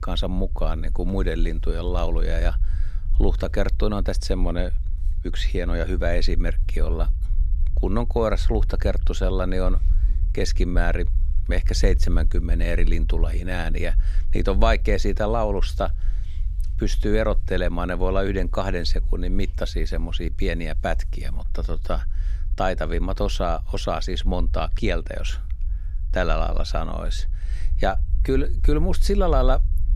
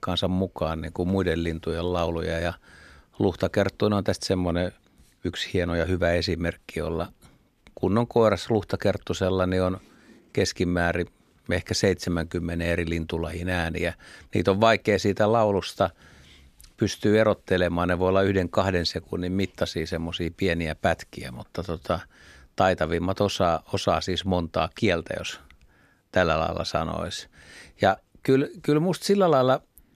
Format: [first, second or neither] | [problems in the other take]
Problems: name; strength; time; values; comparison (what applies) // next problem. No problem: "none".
second | low rumble; faint; throughout; 20 dB below the speech